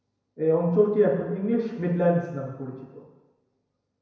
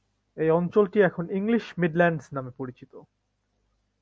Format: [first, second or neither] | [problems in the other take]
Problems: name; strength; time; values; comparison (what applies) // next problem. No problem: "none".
second | room echo; dies away in 1 s